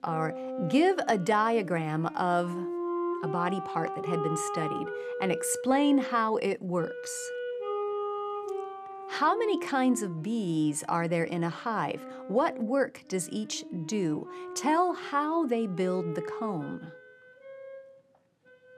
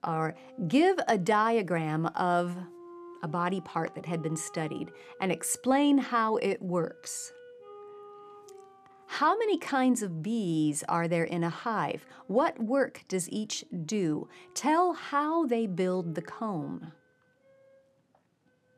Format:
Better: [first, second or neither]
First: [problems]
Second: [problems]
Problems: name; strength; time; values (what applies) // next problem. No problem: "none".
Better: second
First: background music; loud; throughout; 8 dB below the speech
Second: background music; faint; throughout; 25 dB below the speech